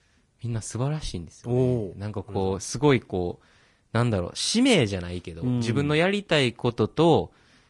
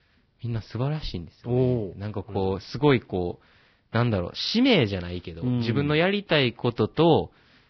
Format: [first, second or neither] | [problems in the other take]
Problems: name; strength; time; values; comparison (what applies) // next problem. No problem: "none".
first | garbled, watery; badly; nothing above 5.5 kHz; slightly in the first